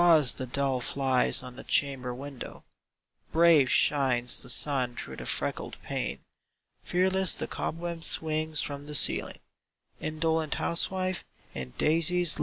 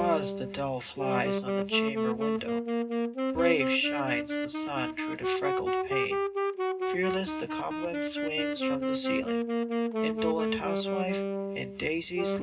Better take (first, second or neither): first